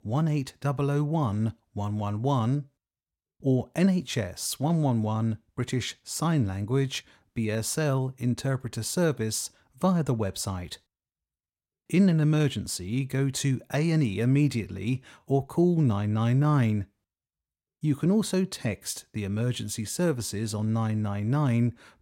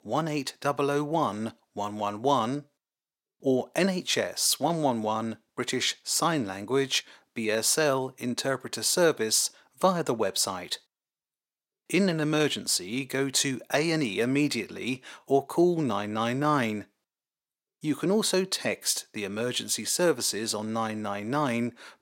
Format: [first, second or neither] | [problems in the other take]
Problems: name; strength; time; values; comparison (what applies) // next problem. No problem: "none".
first | thin; somewhat; fading below 350 Hz